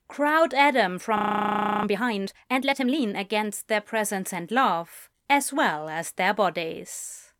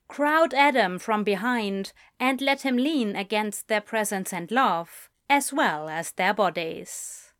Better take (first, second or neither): second